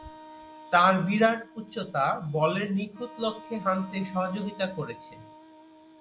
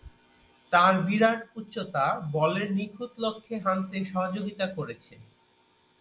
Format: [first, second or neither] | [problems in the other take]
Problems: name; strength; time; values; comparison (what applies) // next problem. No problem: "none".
second | background sound (Wind instrument, woodwind instrument); 20 dB below the speech